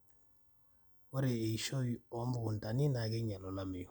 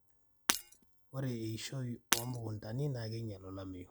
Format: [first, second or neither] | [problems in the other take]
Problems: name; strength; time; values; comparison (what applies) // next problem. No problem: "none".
first | background sound (Shatter); as loud as the speech